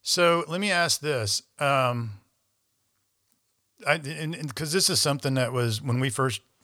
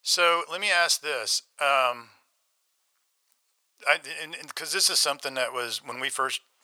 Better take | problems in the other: first | thin; very; fading below 750 Hz

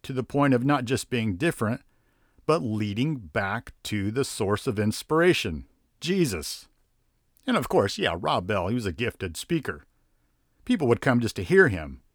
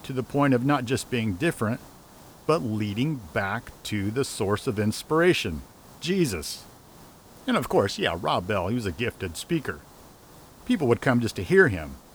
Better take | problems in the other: first | hiss; faint; throughout; 25 dB below the speech

